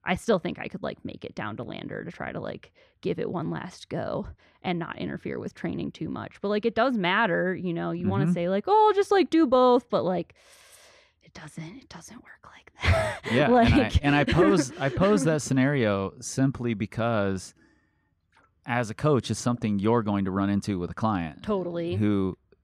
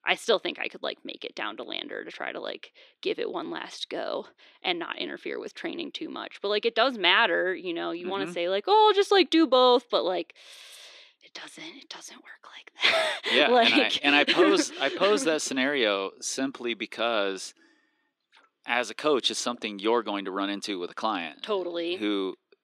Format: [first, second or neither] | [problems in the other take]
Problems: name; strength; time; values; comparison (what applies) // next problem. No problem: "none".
first | thin; somewhat; fading below 300 Hz